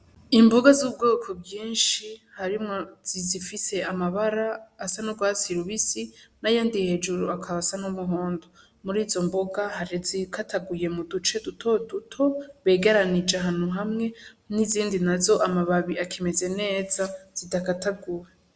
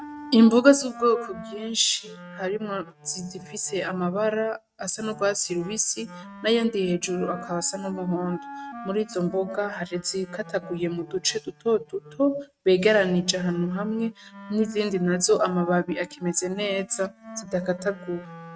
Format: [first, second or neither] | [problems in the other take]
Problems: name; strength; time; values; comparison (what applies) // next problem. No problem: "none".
first | noise reduction (neural mask model RNNoise)